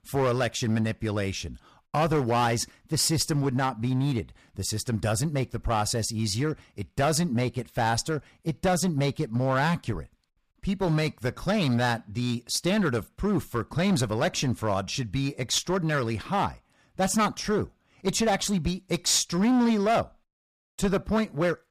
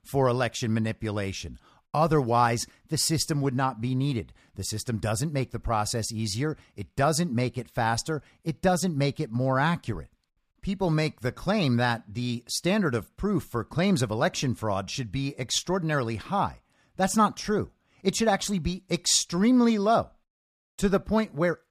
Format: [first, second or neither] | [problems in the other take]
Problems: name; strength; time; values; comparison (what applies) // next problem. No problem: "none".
second | distortion; slight; 8% of the sound clipped